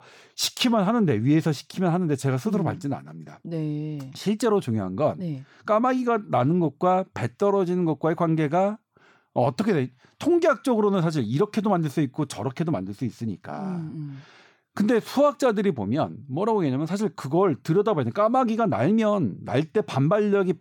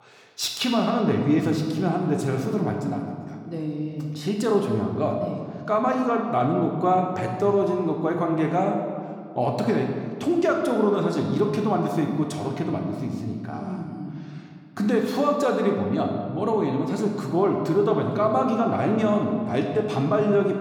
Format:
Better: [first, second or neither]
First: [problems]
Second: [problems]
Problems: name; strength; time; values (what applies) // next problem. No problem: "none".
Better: first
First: none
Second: room echo; noticeable; dies away in 1.6 s